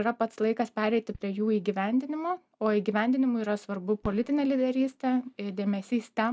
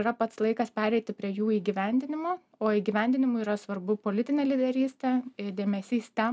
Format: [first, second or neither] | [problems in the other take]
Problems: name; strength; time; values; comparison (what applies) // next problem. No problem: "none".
second | noise reduction (neural mask model DeepFilterNet 3)